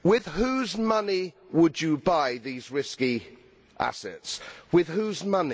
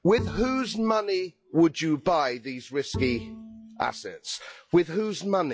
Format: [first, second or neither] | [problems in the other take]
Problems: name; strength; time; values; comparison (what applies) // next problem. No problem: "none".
first | noise reduction (classical method log-MMSE)